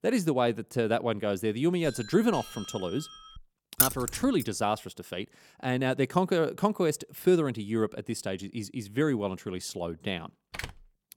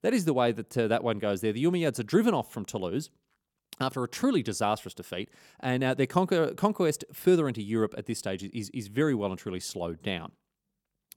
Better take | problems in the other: second | doorbell; faint; from 2 to 3.5 s; peak 15 dB below the speech // jangling keys; loud; at 4 s; peak 5 dB above the speech // door banging; faint; at 11 s; peak 10 dB below the speech

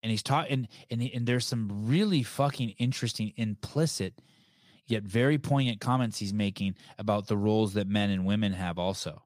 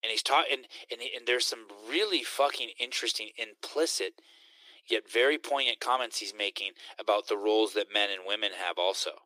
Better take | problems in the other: first | thin; very; fading below 350 Hz

